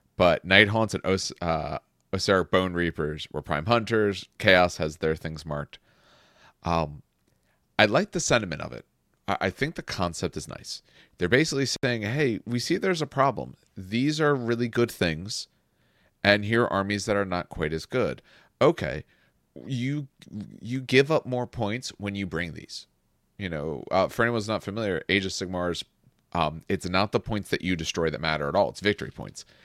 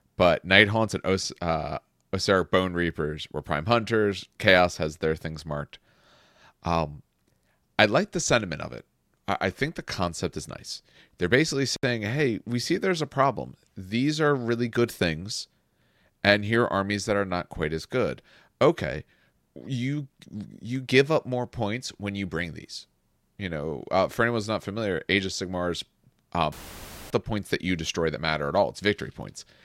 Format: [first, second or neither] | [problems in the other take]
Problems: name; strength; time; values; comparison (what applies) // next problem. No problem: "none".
first | audio cutting out; filled with static; at 27 s for 0.5 s